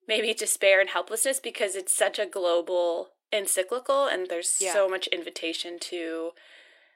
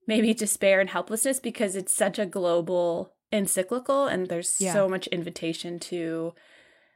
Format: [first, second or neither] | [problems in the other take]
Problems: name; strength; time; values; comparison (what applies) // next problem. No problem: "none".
second | thin; very; fading below 350 Hz